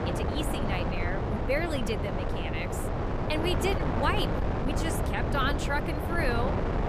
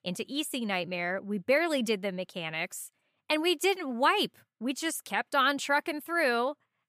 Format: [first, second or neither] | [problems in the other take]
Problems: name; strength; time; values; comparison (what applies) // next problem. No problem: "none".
second | wind noise on the microphone; heavy; 2 dB below the speech